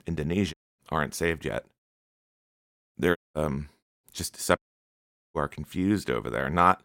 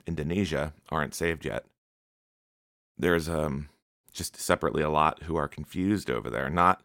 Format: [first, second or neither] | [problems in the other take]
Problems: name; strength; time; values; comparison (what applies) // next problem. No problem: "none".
second | audio cutting out; at 0.5 s, at 3 s and at 4.5 s for 1 s